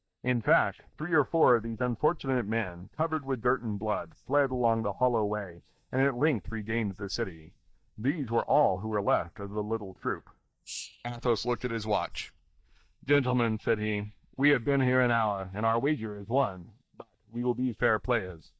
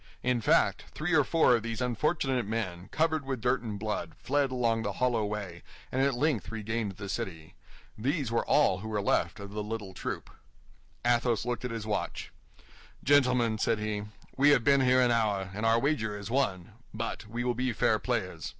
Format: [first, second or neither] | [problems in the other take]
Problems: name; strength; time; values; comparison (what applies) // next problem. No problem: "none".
second | noise reduction (neural mask model DeepFilterNet 3)